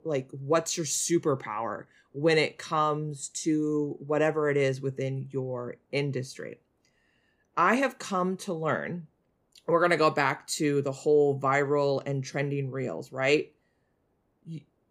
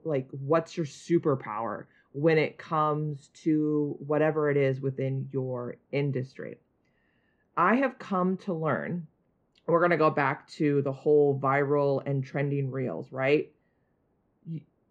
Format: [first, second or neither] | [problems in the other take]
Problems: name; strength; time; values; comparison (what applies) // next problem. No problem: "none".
first | muffled; very; fading above 2.5 kHz